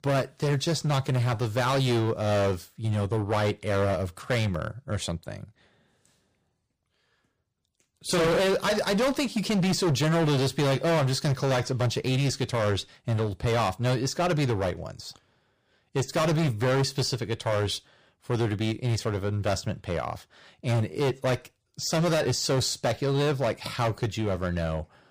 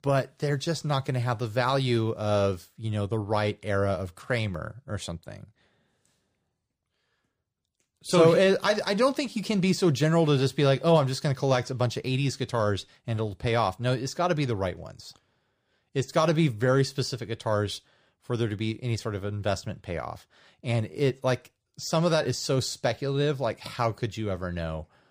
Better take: second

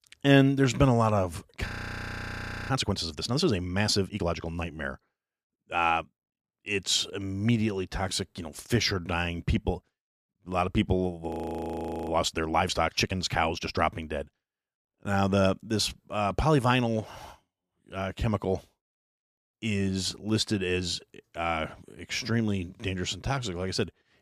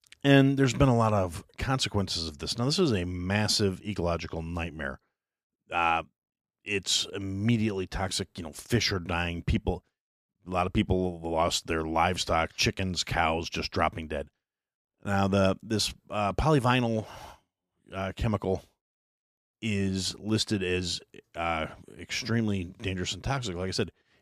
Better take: second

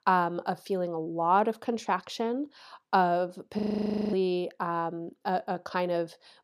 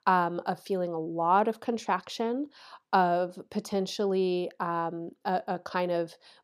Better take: second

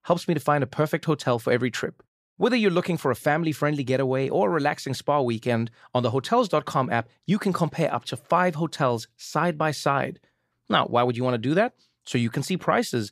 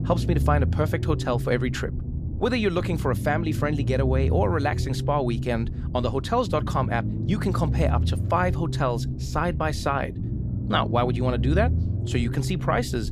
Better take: first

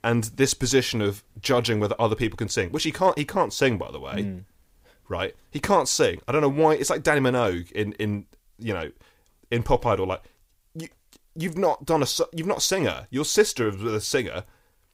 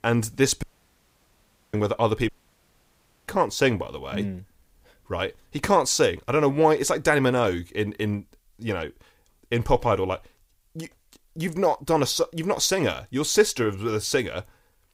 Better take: first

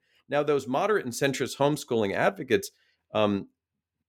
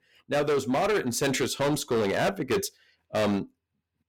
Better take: first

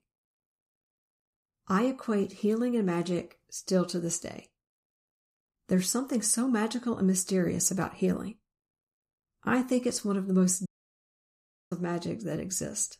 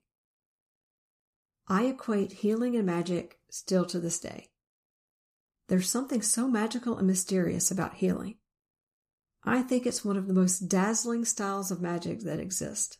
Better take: second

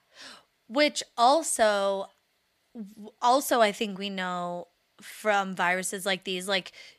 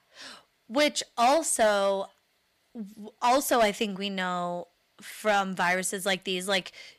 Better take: first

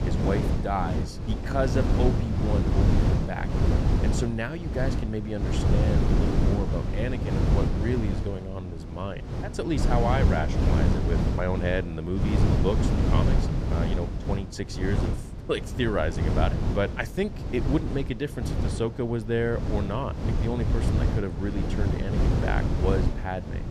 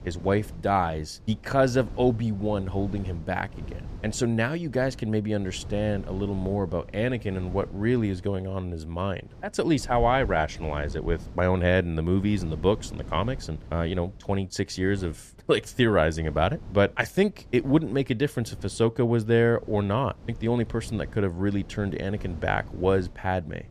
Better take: second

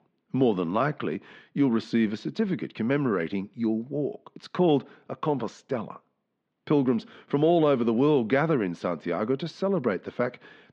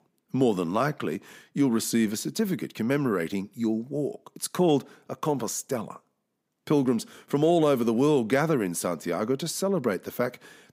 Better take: second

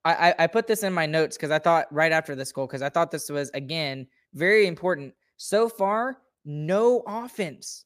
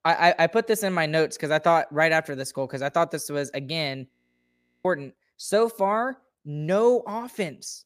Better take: first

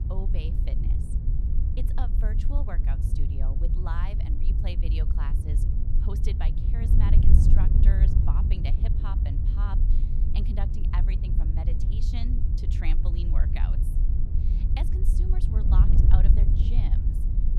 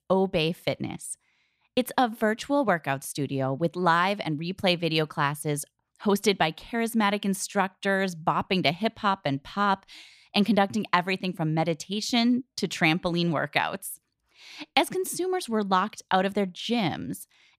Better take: second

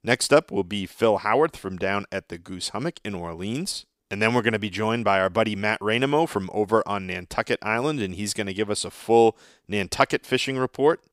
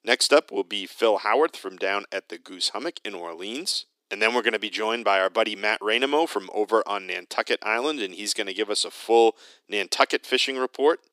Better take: first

